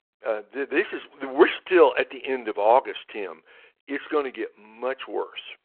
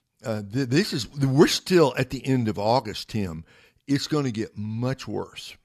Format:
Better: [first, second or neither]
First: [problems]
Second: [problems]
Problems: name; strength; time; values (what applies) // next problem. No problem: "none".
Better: second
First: phone-call audio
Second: none